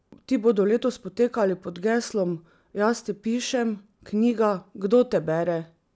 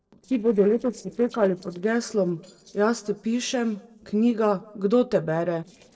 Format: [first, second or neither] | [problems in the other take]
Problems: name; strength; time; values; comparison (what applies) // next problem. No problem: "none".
first | noise reduction (neural separator model SepFormer DNS4)